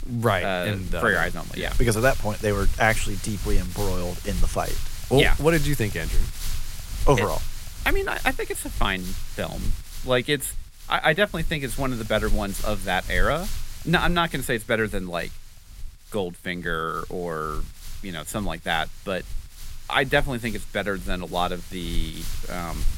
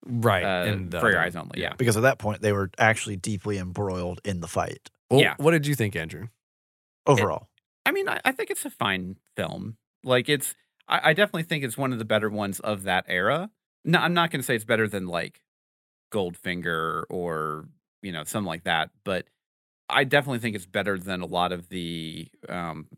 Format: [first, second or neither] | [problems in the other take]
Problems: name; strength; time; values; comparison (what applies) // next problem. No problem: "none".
second | wind noise on the microphone; occasional gusts; 15 dB below the speech